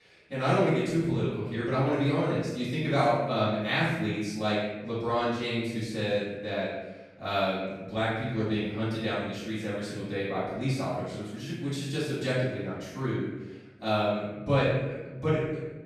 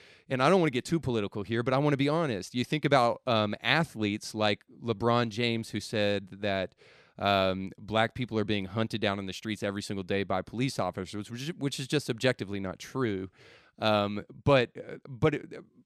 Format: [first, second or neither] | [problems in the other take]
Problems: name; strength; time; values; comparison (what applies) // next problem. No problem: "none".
second | room echo; strong; dies away in 0.9 s // off-mic speech; far